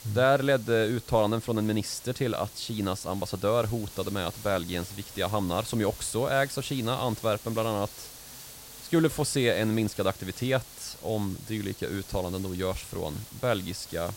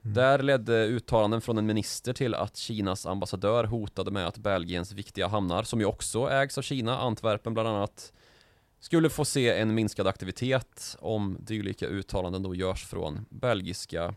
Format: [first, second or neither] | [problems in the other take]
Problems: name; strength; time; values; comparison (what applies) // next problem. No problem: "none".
second | hiss; noticeable; throughout; 15 dB below the speech